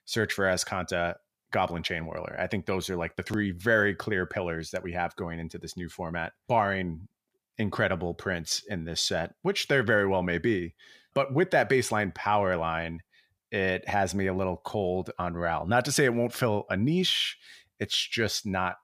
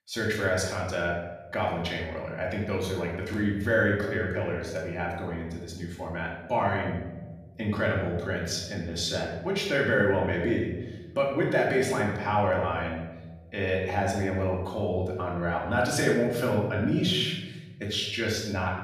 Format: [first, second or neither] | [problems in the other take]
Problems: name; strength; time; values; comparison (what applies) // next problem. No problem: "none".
first | off-mic speech; far // room echo; noticeable; dies away in 1.2 s